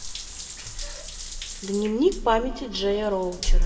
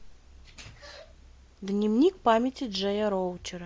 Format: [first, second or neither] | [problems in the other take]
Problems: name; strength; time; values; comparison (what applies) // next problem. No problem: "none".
second | background sound (Drip / Trickle, dribble / Bathtub (filling or washing) / Water tap, faucet); as loud as the speech // room echo; dies away in 1.7 s